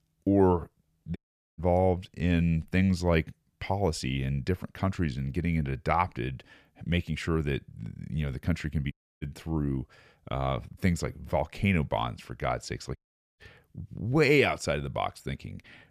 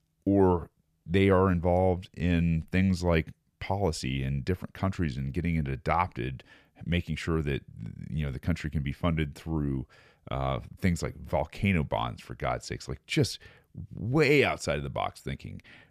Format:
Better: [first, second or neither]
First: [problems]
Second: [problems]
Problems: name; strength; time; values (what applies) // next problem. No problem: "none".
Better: second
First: audio cutting out; at 1 s, at 9 s and at 13 s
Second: none